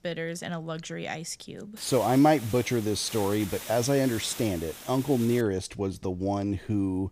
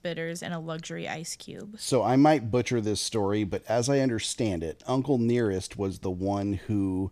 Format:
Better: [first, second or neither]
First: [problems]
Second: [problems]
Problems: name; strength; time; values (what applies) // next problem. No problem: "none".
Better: second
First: hiss; noticeable; from 2 to 5.5 s; 15 dB below the speech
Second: none